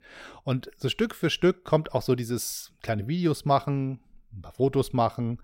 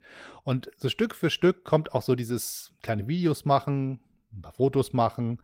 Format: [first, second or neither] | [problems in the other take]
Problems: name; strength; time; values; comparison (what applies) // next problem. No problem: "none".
first | garbled, watery; slightly; nothing above 16 kHz